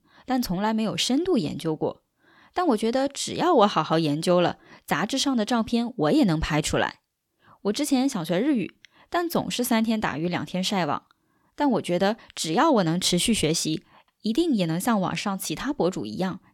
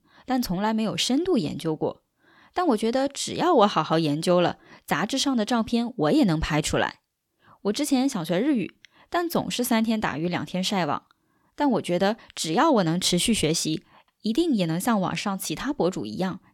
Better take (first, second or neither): neither